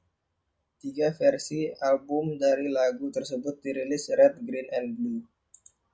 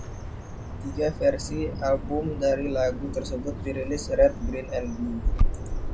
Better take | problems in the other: first | background sound (Bird vocalization, bird call, bird song); 2 dB below the speech

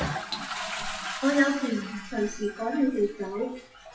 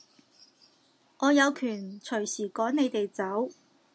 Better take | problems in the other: second | noise reduction (classical method WPE with log-MMSE)

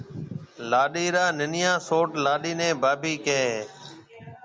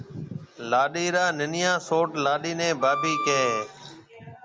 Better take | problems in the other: first | background sound (Wind instrument, woodwind instrument); 4 dB below the speech

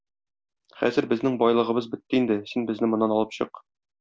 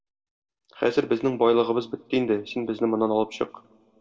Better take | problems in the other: first | room echo; dies away in 0.8 s

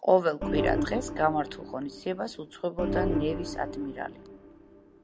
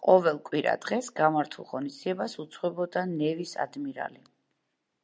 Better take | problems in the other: second | background sound (Organ); 3 dB below the speech

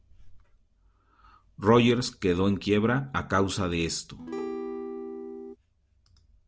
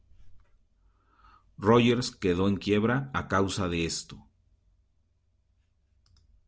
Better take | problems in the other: second | background sound (Acoustic guitar / Strum); 7 dB below the speech

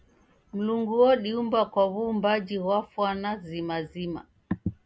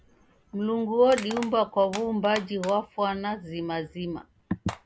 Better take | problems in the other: first | background sound (Crushing); 17 dB below the speech

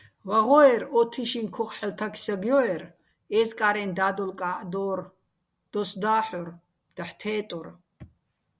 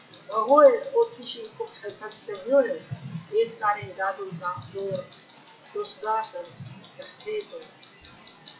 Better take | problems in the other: first | noise reduction (classical method WPE with log-MMSE)

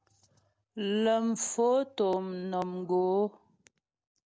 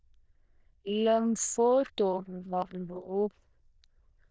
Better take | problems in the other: first | noise reduction (neural diffusion model UNIVERSE++)

